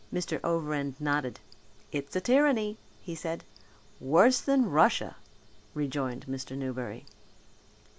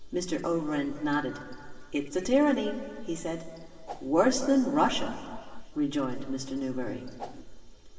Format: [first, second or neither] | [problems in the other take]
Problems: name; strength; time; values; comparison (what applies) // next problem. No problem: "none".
first | background sound (Whoosh, swoosh, swish); 13 dB below the speech // room echo; dies away in 2 s